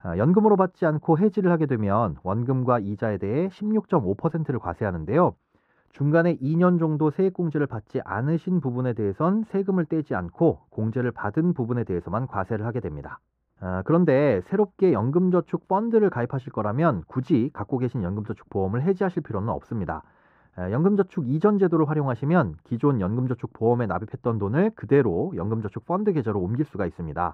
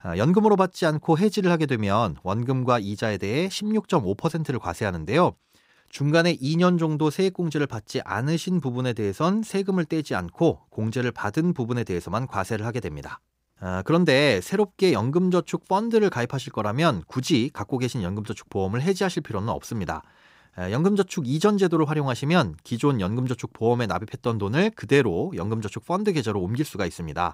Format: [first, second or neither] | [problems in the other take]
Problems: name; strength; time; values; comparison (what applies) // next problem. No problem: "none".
second | muffled; very; fading above 2.5 kHz